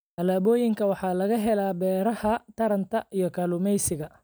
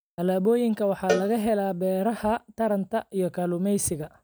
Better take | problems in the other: first | background sound (Cowbell); 10 dB below the speech

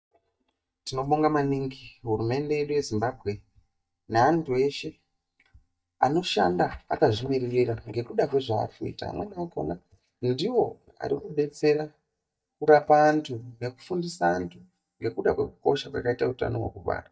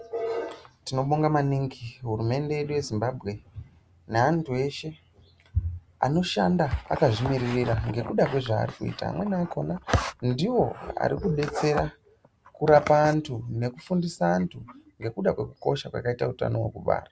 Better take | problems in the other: second | noise reduction (neural mask model DeepFilterNet 3)

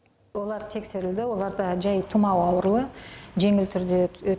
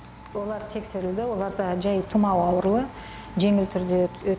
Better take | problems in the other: first | background sound (Bass guitar + Domestic sounds, home sounds); 18 dB below the speech

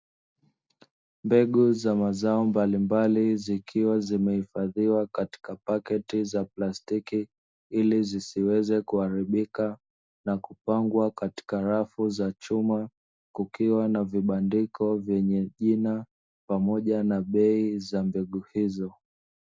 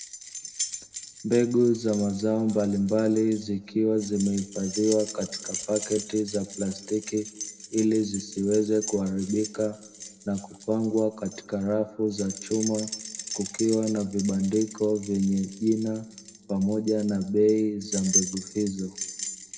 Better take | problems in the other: first | background sound (Keys jangling); 11 dB below the speech // room echo; dies away in 1 s

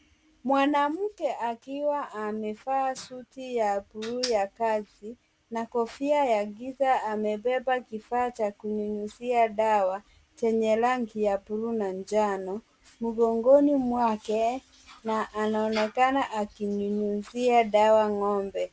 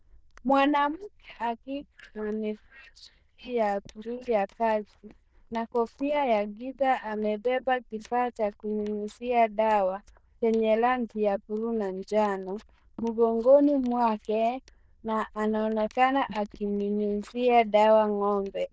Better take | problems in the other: first | noise reduction (neural diffusion model UNIVERSE++)

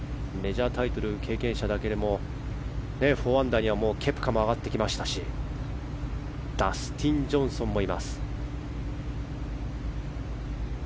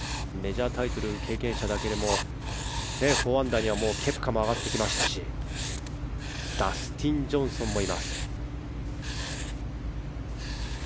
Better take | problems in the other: first | background sound (Writing); 8 dB below the speech

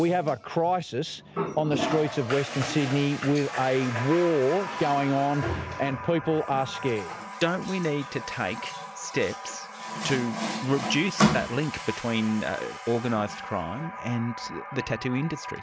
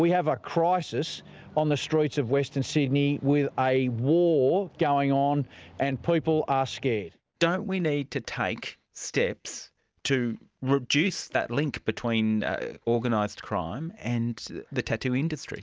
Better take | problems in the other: second | background sound (Water tap, faucet); 6 dB below the speech

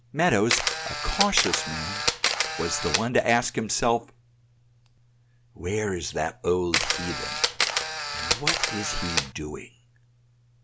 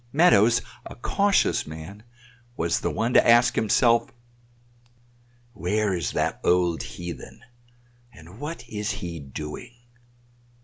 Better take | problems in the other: second | background sound (Camera); 2 dB above the speech

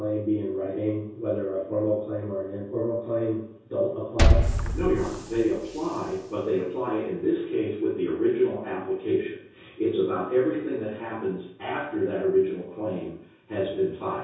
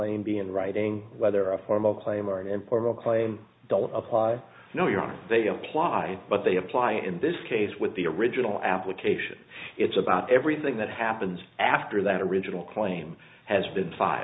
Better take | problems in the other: second | background sound (Liquid); 2 dB above the speech // room echo; dies away in 0.6 s

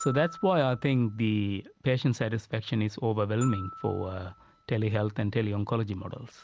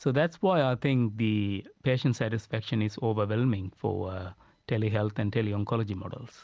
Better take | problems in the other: second | background sound (Glockenspiel); 18 dB below the speech

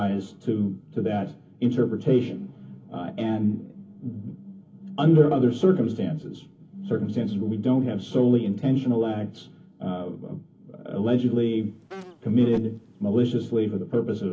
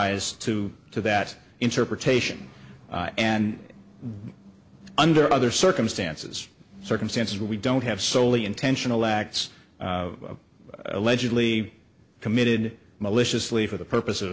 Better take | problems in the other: second | background sound (Insect); 20 dB below the speech // room echo; dies away in 0.3 s

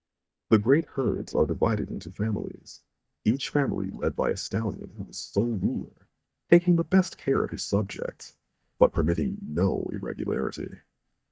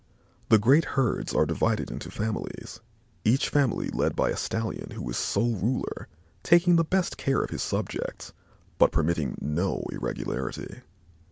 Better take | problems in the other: second | noise reduction (neural mask model DeepFilterNet 3)

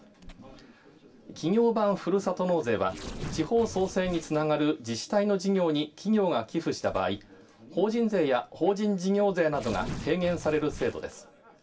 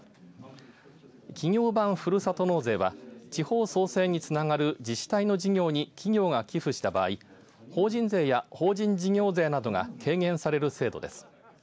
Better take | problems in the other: second | background sound (Tearing); 17 dB below the speech // room echo; dies away in 0.2 s

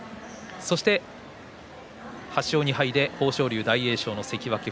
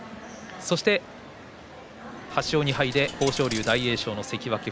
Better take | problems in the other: first | background sound (Coin (dropping)); 12 dB below the speech

